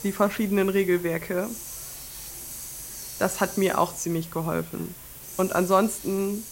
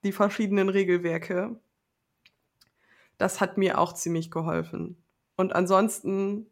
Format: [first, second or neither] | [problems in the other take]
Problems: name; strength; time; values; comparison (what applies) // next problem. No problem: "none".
second | hiss; noticeable; throughout; 10 dB below the speech